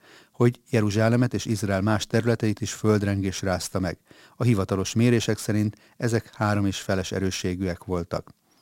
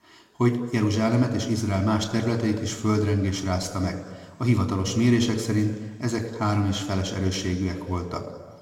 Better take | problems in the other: first | room echo; slight; dies away in 1.5 s

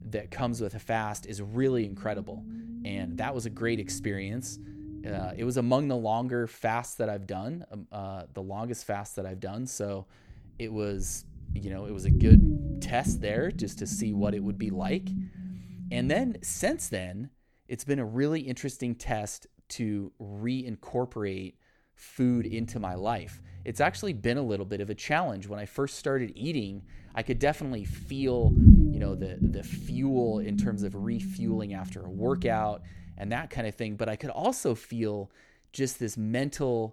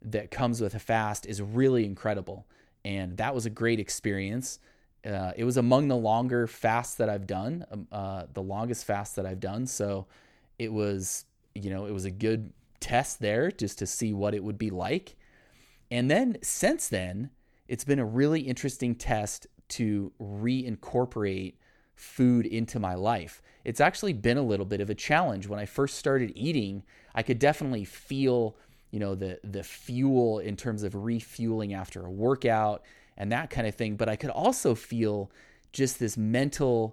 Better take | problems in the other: second | low rumble; loud; until 5.5 s, from 10 to 17 s and from 22 to 33 s; 5 dB below the speech

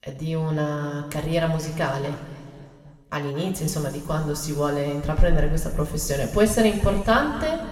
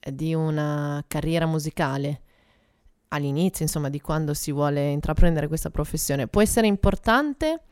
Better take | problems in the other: second | room echo; noticeable; dies away in 2.2 s

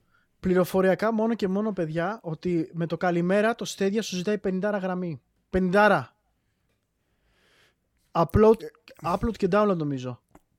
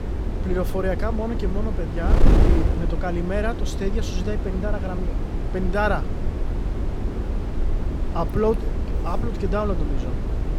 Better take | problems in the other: first | wind noise on the microphone; heavy; 6 dB below the speech

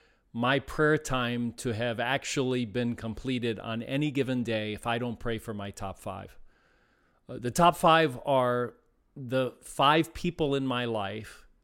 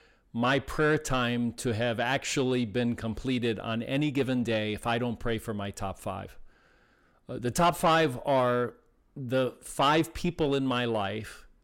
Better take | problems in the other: first | distortion; slight; 10 dB below the speech

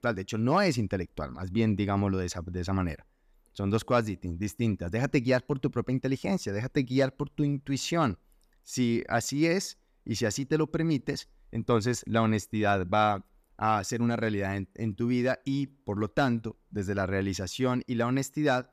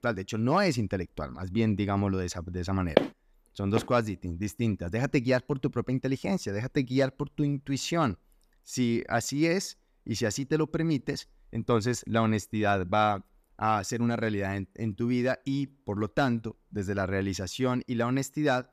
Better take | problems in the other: first | footsteps; loud; at 3 s; peak 2 dB above the speech

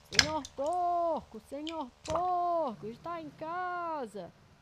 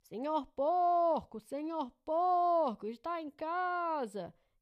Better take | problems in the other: second | rain or running water; very loud; throughout; as loud as the speech

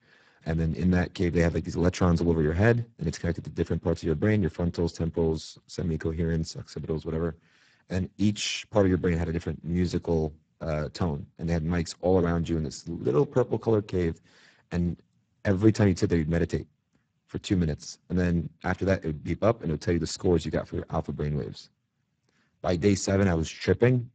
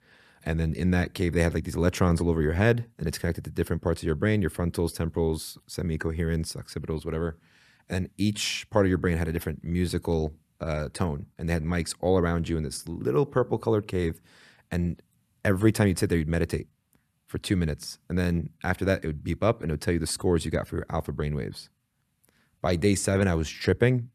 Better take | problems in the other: second | garbled, watery; badly; nothing above 7.5 kHz

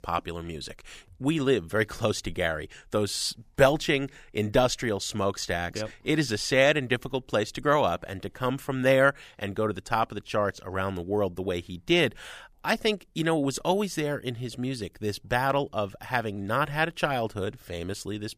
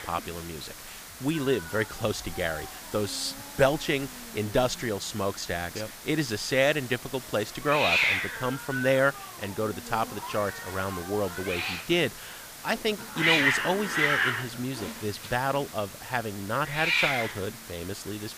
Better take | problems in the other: first | hiss; loud; throughout; 1 dB below the speech

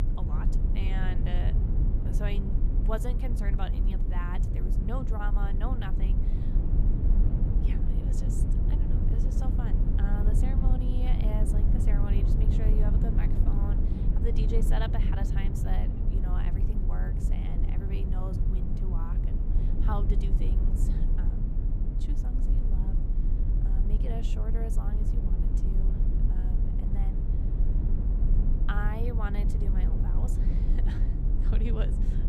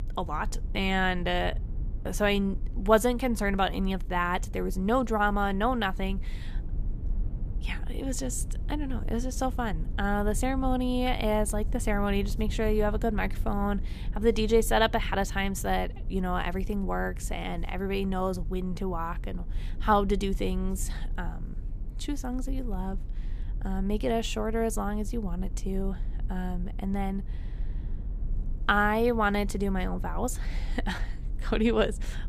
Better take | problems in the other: second | low rumble; loud; throughout; 1 dB below the speech; faint in the second

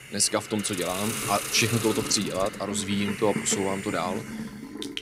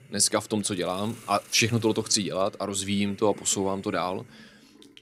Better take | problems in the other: second | hiss; loud; throughout; 6 dB below the speech; faint in the second

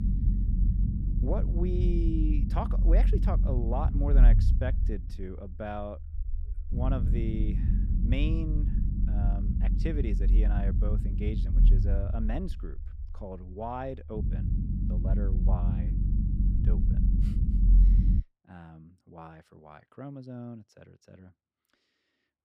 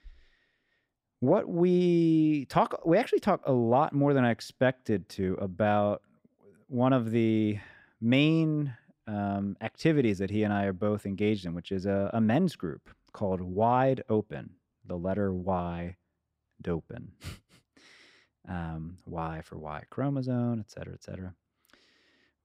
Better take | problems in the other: second | low rumble; loud; until 18 s; 4 dB below the speech

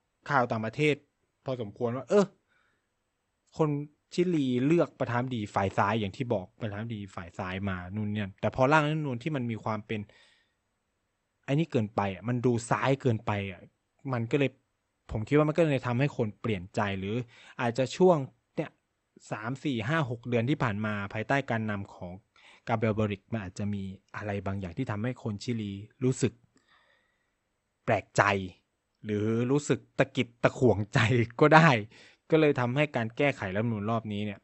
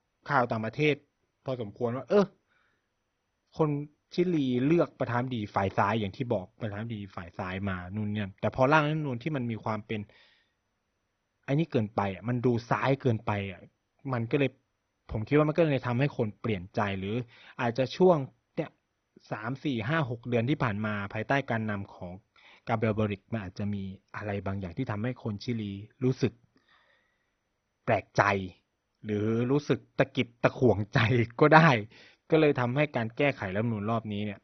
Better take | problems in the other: first | garbled, watery; badly; nothing above 6 kHz; slightly in the first

